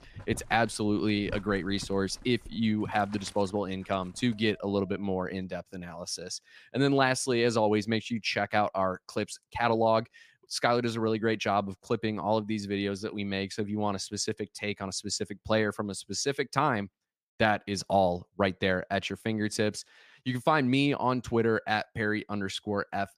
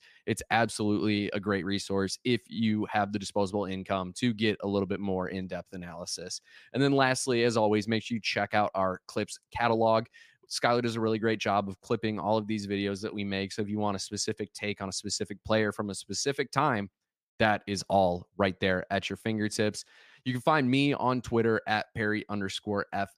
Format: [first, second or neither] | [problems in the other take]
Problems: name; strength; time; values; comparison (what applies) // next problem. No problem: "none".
second | household noises; noticeable; until 5 s; 20 dB below the speech